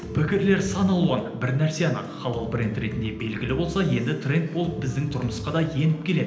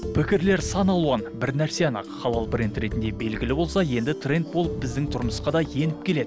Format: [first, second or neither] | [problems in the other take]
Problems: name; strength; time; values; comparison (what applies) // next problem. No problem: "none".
second | room echo; dies away in 0.9 s